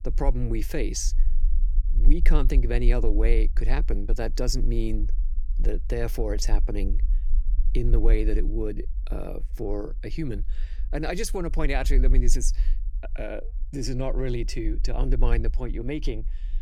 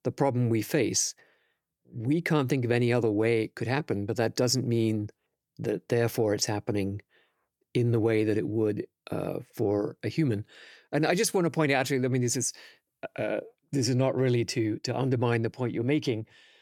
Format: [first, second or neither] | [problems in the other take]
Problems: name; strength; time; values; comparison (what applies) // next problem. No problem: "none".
second | low rumble; faint; throughout; 20 dB below the speech